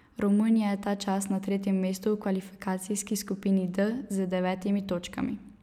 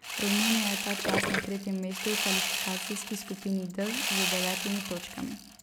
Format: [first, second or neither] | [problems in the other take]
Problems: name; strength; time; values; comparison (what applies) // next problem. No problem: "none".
first | background sound (Sawing + Gurgling); 1 dB above the speech